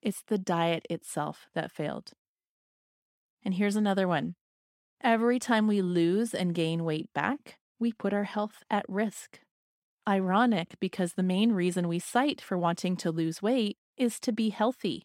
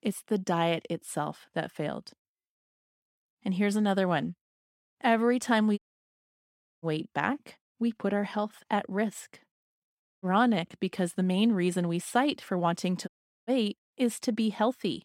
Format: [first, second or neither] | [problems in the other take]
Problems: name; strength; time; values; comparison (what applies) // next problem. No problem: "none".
first | audio cutting out; at 6 s for 1 s, at 10 s and at 13 s